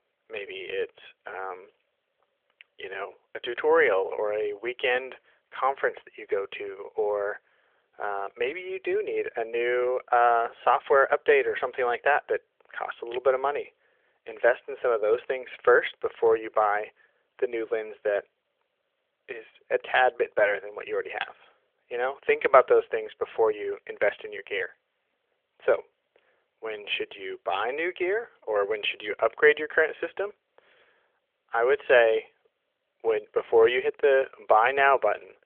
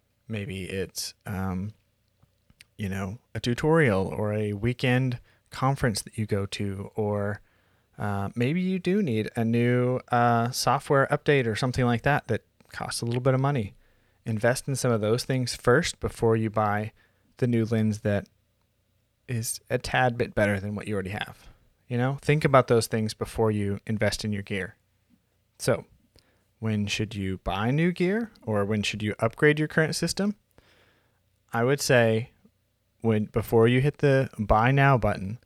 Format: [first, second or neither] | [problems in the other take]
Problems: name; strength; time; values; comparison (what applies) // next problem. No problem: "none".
second | phone-call audio; nothing above 3.5 kHz